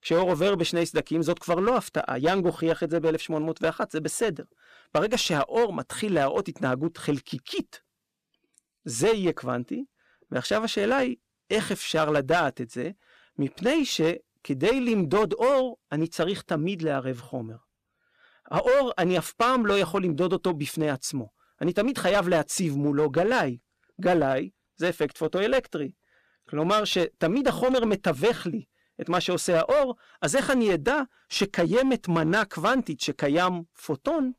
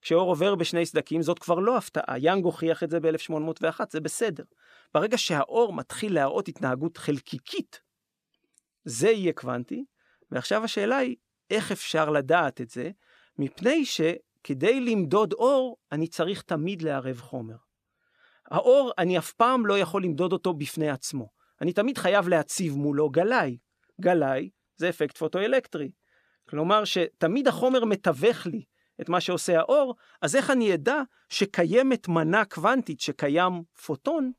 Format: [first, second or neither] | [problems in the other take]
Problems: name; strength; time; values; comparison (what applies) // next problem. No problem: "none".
second | distortion; slight; 7% of the sound clipped